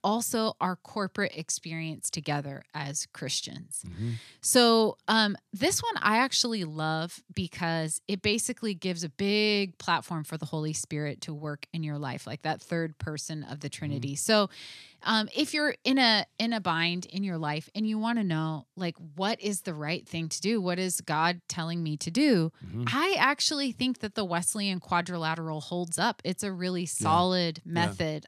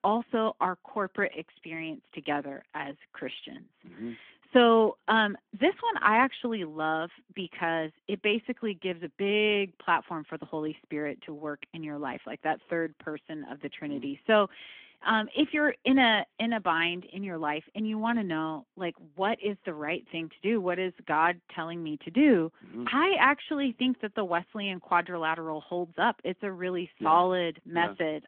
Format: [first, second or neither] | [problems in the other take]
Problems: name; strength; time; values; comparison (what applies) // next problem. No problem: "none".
first | phone-call audio; nothing above 3.5 kHz